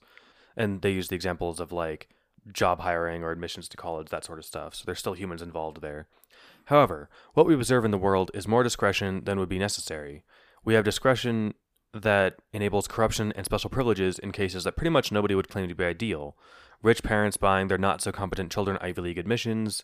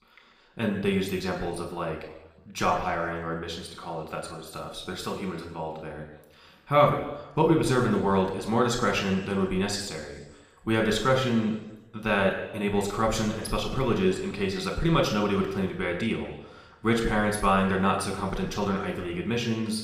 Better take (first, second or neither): first